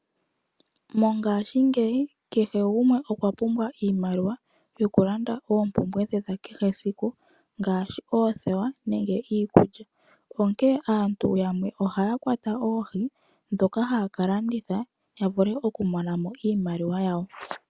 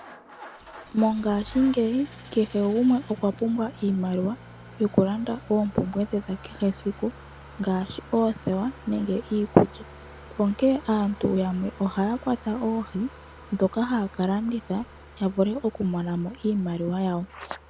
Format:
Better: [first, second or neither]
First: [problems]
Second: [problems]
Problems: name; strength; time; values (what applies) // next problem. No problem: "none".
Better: first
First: none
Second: background sound (Idling / Engine starting); 19 dB below the speech